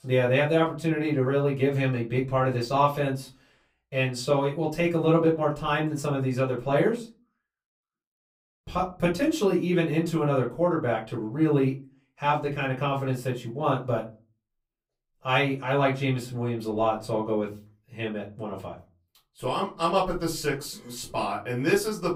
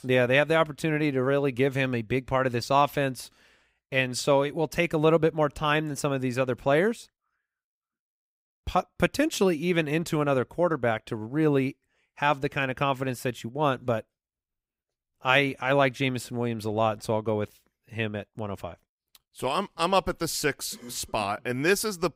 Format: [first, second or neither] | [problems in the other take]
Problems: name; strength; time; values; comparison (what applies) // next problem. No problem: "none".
second | off-mic speech; far // room echo; very slight; dies away in 0.3 s